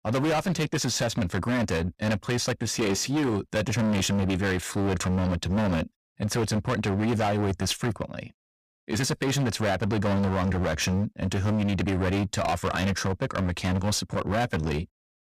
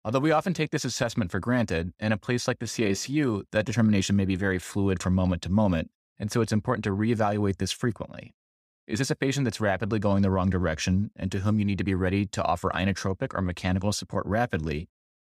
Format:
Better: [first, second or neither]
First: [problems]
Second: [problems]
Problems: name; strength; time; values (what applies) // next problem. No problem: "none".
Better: second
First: distortion; heavy; 26% of the sound clipped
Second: none